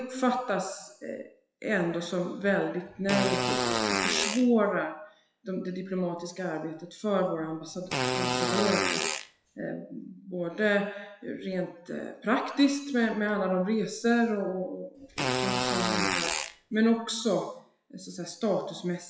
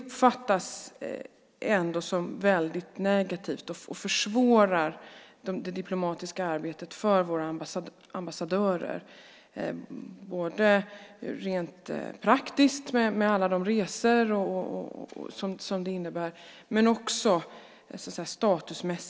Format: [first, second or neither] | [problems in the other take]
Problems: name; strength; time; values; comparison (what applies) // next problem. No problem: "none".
second | noise reduction (classical method WPE with log-MMSE)